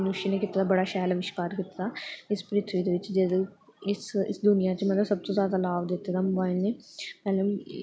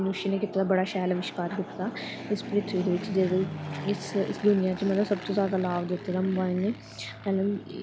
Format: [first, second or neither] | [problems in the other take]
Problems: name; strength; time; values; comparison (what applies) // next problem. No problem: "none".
first | background sound (Fixed-wing aircraft, airplane); 12 dB below the speech